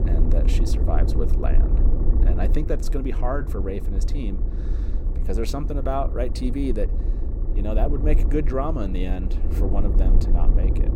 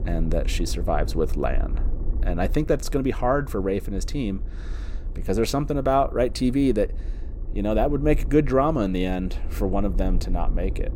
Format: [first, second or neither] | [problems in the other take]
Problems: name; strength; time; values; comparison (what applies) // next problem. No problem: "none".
second | low rumble; loud; throughout; 7 dB below the speech; faint in the second